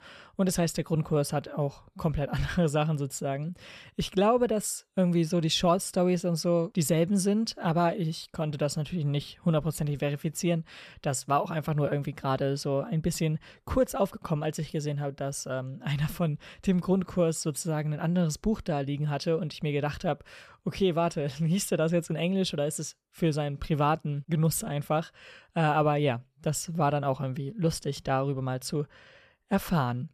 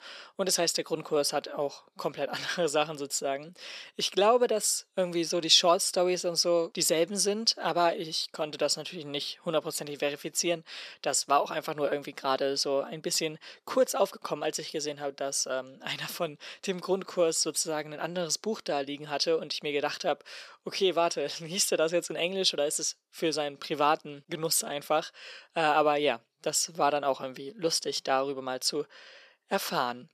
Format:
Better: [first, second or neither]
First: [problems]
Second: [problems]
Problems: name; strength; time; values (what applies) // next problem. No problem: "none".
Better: first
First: none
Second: thin; somewhat; fading below 300 Hz